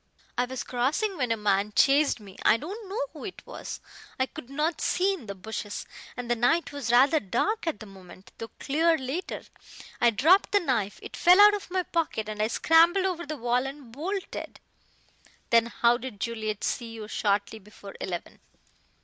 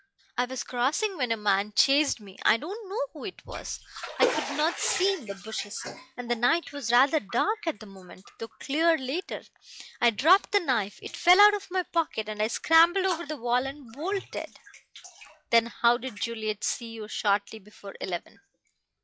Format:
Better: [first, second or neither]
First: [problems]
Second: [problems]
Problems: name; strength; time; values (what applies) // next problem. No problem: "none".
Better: first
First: none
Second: noise reduction (classical method log-MMSE)